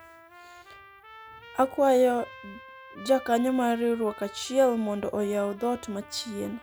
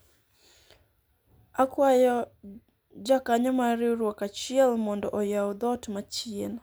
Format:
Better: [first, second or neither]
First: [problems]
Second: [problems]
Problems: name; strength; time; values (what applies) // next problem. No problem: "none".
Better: second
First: background sound (Trumpet); 20 dB below the speech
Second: none